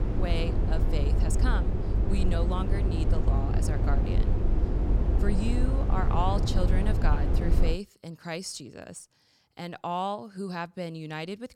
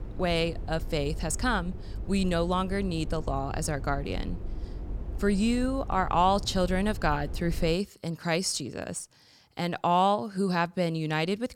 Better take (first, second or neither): second